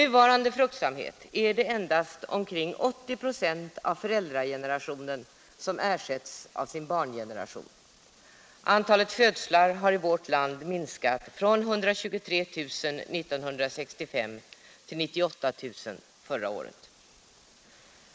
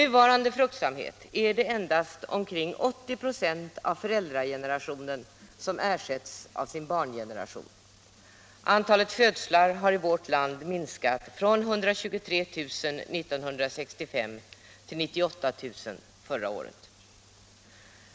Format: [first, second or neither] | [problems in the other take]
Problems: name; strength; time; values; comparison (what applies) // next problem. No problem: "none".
second | noise reduction (neural mask model Resemble Enhance denoiser)